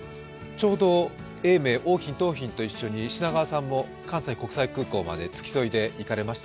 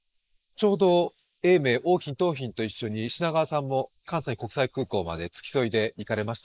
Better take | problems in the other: first | noise reduction (neural mask model Resemble Enhance denoiser)

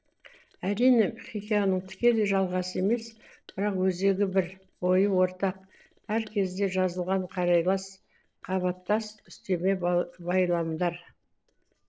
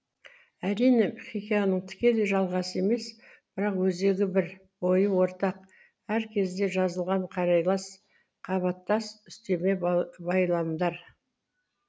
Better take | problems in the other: second | noise reduction (neural separator model SepFormer DNS4)

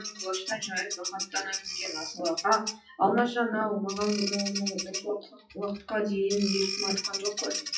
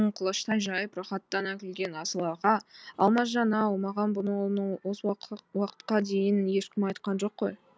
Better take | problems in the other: second | noise reduction (classical method WPE with log-MMSE)

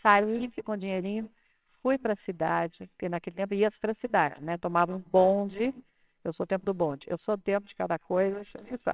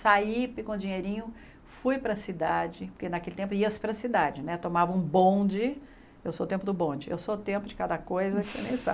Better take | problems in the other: second | noise reduction (neural separator model SepFormer WHAMR!)

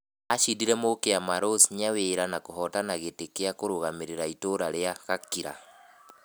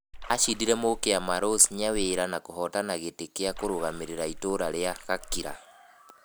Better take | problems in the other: first | background sound (Splash, splatter); 11 dB below the speech

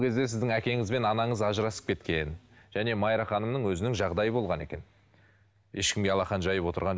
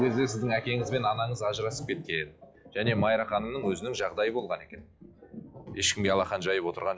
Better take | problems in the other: first | noise reduction (classical method log-MMSE)

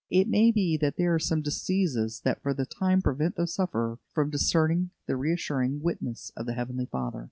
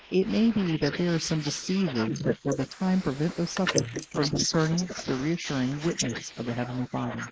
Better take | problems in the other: first | noise reduction (neural mask model Resemble Enhance denoiser)

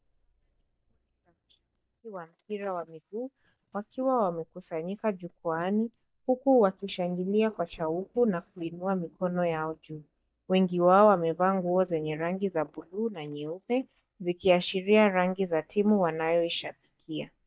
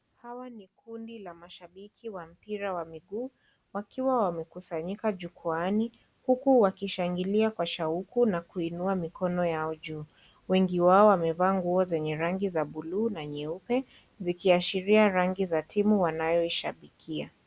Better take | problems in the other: second | noise reduction (neural mask model DeepFilterNet 3)

